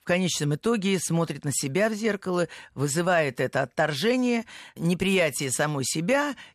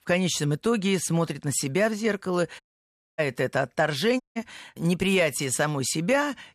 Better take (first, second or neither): first